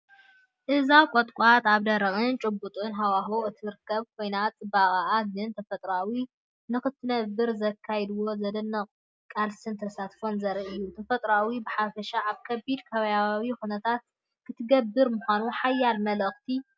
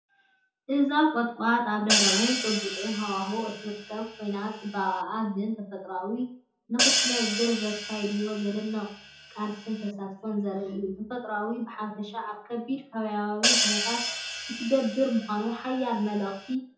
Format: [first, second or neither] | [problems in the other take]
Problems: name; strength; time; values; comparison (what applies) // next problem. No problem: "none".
first | background sound (Hi-hat); as loud as the speech // room echo; dies away in 0.5 s